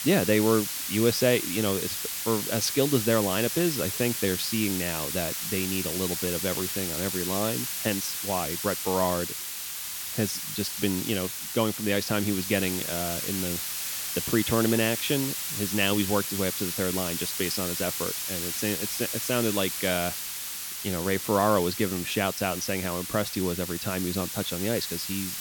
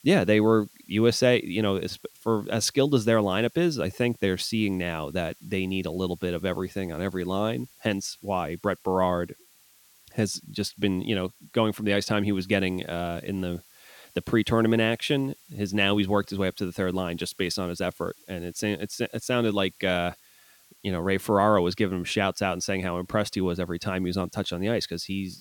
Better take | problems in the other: second | hiss; loud; throughout; 2 dB below the speech; faint in the second

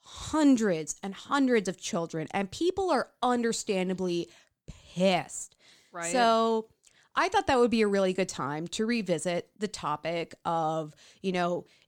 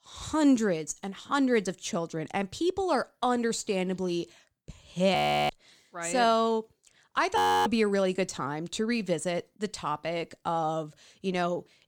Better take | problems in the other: first | audio freezing; at 5 s and at 7.5 s

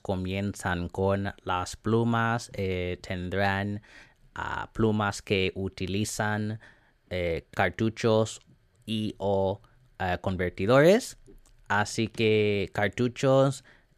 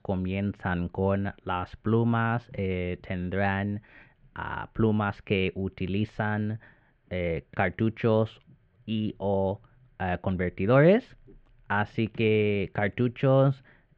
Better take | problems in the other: first | muffled; very; fading above 2.5 kHz

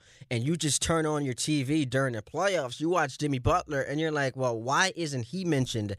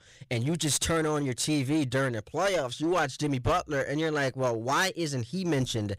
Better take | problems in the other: first | distortion; slight; 11% of the sound clipped

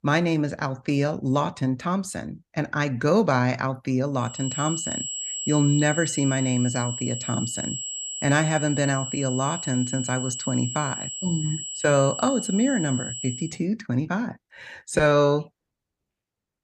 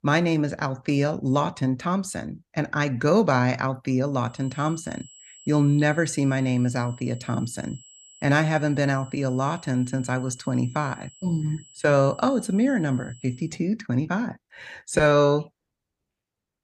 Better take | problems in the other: second | high-pitched whine; loud; from 4.5 to 13 s; 7.5 kHz, 5 dB below the speech; faint in the second

